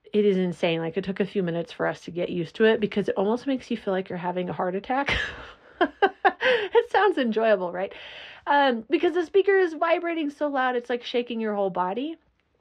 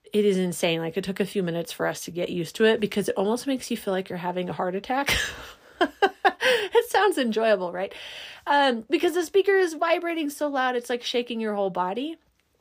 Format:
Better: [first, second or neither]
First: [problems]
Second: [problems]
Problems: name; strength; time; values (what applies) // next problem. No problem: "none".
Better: second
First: muffled; slightly; fading above 3 kHz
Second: none